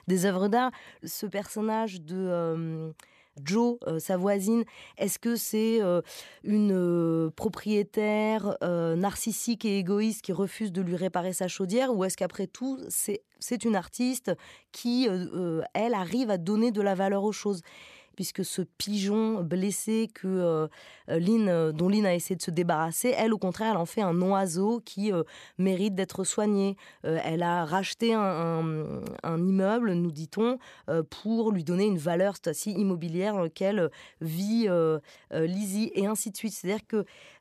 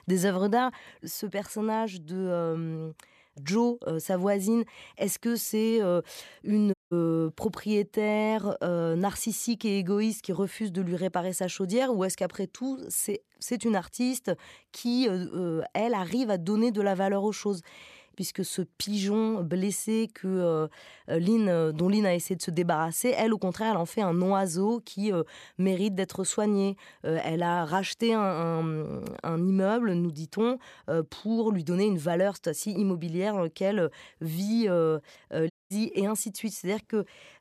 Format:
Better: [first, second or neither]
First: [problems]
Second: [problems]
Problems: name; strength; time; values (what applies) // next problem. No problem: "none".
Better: first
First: none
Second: audio cutting out; at 6.5 s and at 36 s